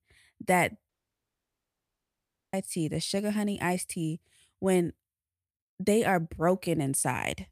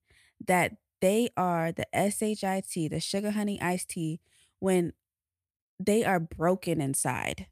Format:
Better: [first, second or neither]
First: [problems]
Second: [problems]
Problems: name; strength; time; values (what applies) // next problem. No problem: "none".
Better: second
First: audio cutting out; at 1 s for 1.5 s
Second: none